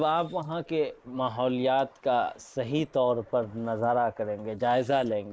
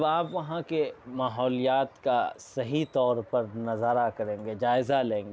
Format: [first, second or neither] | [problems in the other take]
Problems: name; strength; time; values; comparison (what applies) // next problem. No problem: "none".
second | noise reduction (neural mask model Resemble Enhance denoiser)